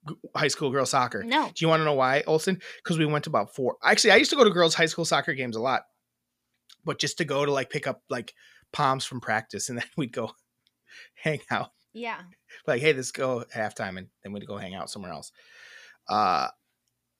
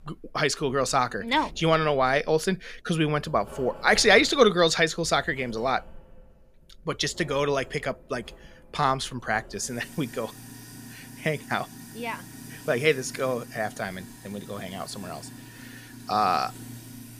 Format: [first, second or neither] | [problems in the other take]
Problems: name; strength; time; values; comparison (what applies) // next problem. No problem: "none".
first | household noises; noticeable; throughout; 20 dB below the speech